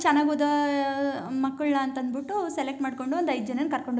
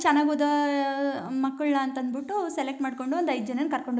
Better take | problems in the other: first | noise reduction (neural mask model Resemble Enhance denoiser)

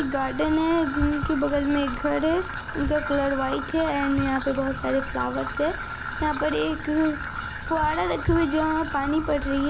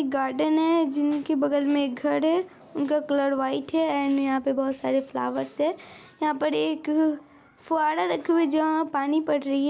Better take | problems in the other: second | background sound (Trickle, dribble / Traffic noise, roadway noise); 6 dB below the speech

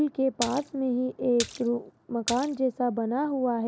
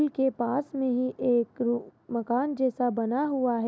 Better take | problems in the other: second | background sound (Splash, splatter); 12 dB below the speech

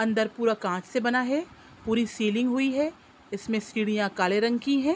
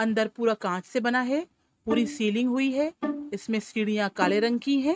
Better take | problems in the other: first | noise reduction (neural mask model RNNoise)

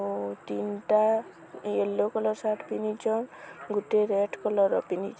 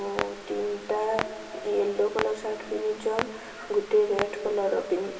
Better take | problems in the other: first | background sound (Clock); 10 dB below the speech // room echo; dies away in 2.2 s

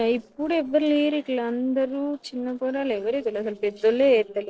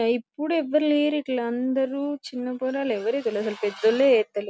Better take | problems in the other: second | noise reduction (neural separator model SepFormer DNS4)

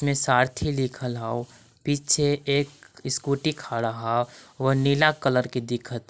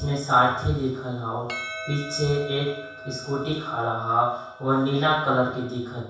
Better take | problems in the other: first | background sound (Percussion); 15 dB below the speech // room echo; dies away in 0.7 s

